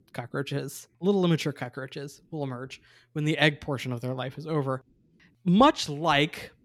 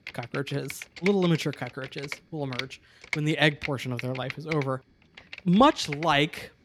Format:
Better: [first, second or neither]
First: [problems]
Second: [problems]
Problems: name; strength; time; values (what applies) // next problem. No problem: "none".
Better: first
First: none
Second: keyboard typing; noticeable; peak 8 dB below the speech